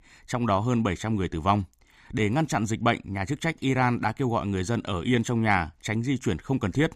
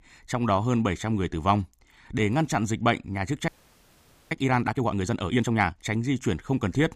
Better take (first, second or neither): first